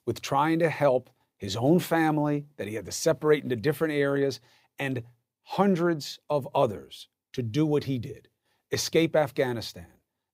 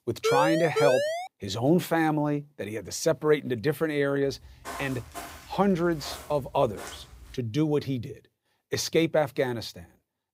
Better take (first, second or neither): first